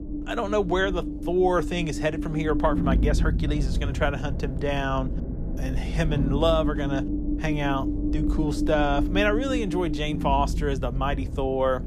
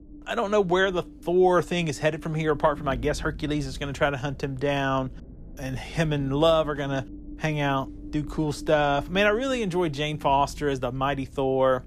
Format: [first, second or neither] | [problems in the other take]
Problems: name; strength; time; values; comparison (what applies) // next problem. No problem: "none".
second | low rumble; loud; throughout; 9 dB below the speech; faint in the second